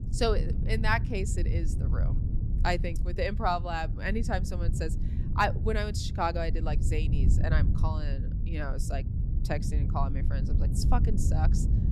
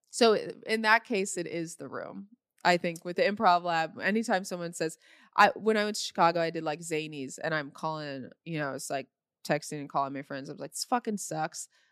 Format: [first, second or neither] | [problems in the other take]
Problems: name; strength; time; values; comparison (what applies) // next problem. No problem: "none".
second | wind noise on the microphone; occasional gusts; 10 dB below the speech